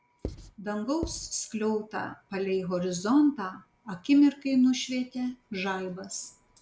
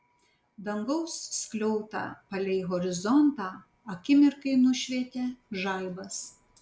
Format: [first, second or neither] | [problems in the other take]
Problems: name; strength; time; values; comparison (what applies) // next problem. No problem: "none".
second | background sound (Writing); 11 dB below the speech